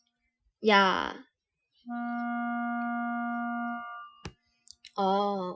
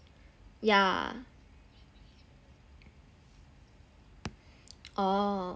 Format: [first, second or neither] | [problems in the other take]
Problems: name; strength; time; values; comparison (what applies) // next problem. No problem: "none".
second | noise reduction (classical method Wiener filter)